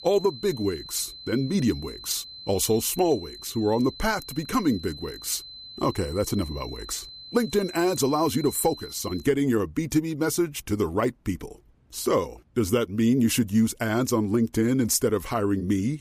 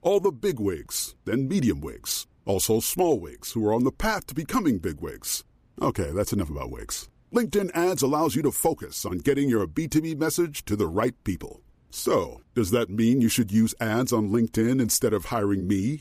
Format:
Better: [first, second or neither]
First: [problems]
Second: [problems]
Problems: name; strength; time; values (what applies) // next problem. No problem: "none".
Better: second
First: high-pitched whine; noticeable; until 9 s; 4 kHz, 15 dB below the speech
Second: none